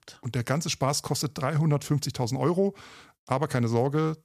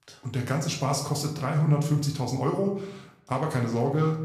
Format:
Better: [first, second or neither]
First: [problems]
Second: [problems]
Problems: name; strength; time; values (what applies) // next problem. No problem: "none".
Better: first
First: none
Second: room echo; slight; dies away in 0.6 s // off-mic speech; somewhat distant